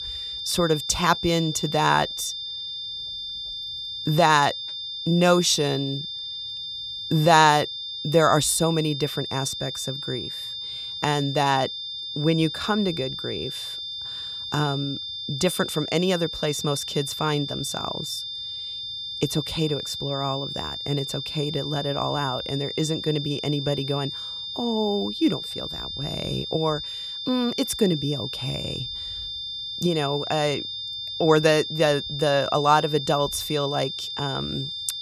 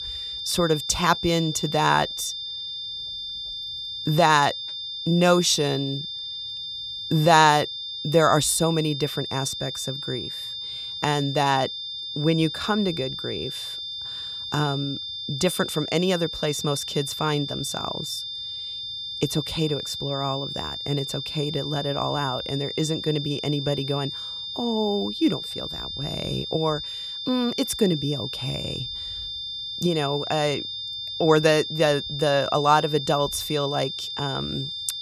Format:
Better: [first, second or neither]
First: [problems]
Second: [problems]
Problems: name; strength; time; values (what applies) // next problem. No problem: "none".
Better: neither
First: high-pitched whine; loud; throughout; 3.5 kHz, 6 dB below the speech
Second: high-pitched whine; loud; throughout; 3.5 kHz, 6 dB below the speech